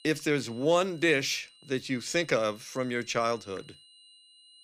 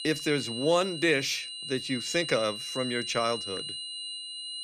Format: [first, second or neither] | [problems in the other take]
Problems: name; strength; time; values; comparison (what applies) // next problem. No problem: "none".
first | high-pitched whine; loud; throughout; 4 kHz, 6 dB below the speech; faint in the first